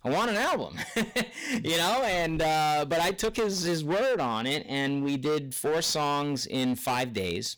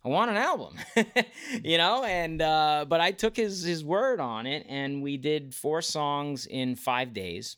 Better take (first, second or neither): second